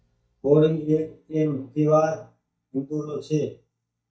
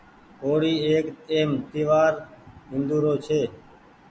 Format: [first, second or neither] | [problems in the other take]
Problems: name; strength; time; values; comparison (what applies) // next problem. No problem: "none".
second | noise reduction (neural mask model DeepFilterNet 3)